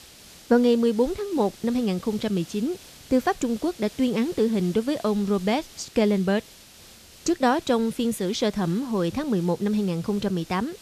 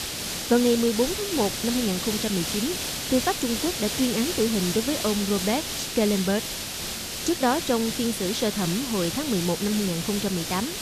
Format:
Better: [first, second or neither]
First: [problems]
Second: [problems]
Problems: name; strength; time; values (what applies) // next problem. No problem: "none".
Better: first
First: hiss; faint; throughout; 20 dB below the speech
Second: hiss; loud; throughout; 3 dB below the speech